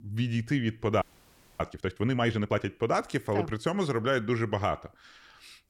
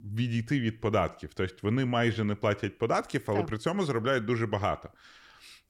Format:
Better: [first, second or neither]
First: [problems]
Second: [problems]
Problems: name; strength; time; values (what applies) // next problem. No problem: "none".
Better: second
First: audio freezing; at 1 s for 0.5 s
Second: none